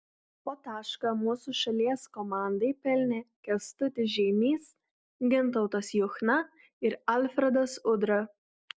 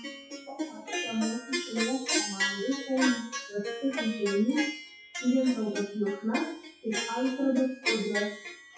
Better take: first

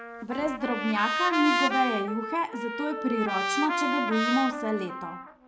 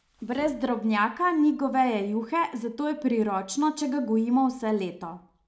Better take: second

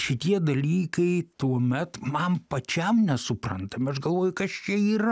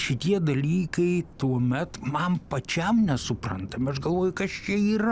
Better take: first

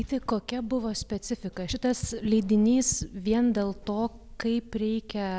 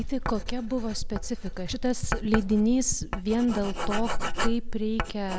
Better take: first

